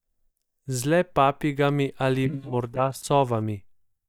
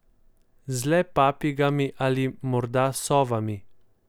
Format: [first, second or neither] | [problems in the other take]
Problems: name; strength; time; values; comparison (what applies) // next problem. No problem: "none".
second | noise reduction (neural mask model DeepFilterNet 3)